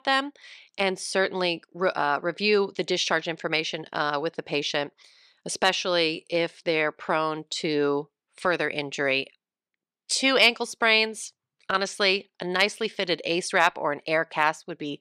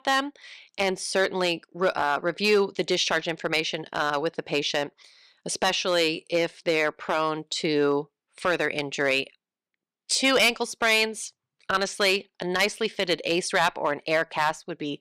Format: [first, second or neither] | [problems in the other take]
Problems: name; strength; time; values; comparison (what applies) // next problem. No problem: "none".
first | distortion; slight; 1.9% of the sound clipped